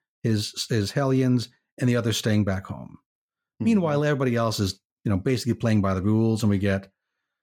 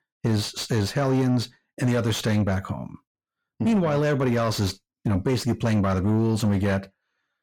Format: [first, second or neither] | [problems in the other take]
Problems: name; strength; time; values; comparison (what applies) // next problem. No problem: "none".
first | distortion; slight; 10 dB below the speech